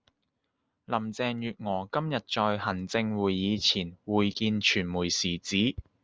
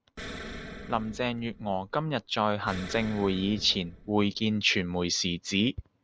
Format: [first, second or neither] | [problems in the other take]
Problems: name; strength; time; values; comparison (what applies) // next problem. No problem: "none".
first | background sound (Explosion); 14 dB below the speech